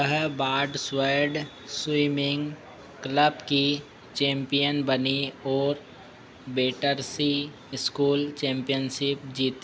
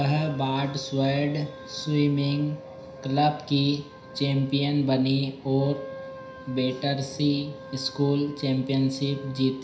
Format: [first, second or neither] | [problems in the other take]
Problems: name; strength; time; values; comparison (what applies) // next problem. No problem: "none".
first | background sound (Wind instrument, woodwind instrument); 17 dB below the speech // room echo; dies away in 0.5 s